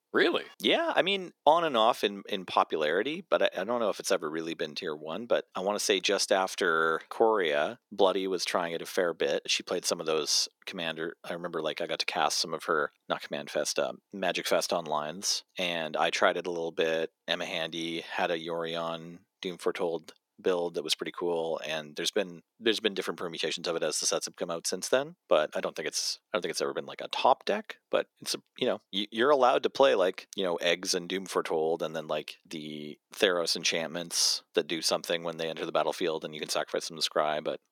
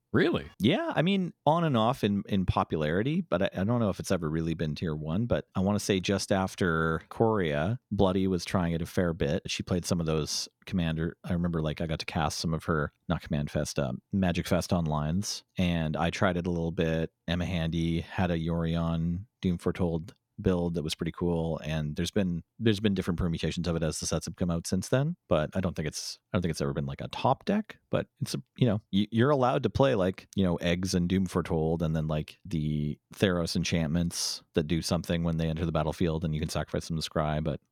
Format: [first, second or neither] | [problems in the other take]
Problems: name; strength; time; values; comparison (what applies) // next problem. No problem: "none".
second | thin; very; fading below 350 Hz